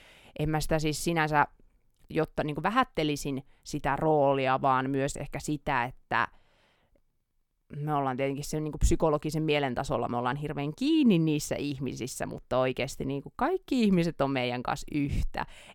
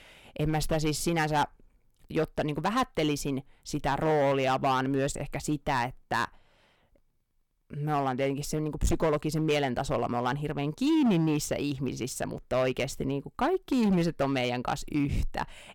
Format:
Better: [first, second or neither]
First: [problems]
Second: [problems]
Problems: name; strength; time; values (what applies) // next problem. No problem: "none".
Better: first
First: none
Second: distortion; slight; 6% of the sound clipped